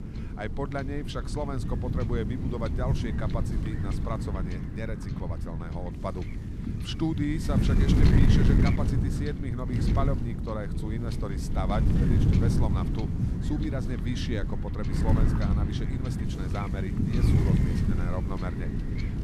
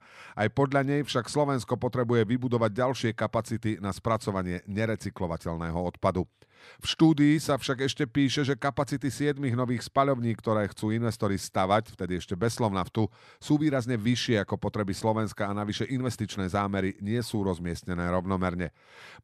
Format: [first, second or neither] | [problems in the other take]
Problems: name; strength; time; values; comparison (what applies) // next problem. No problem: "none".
second | wind noise on the microphone; heavy; 1 dB below the speech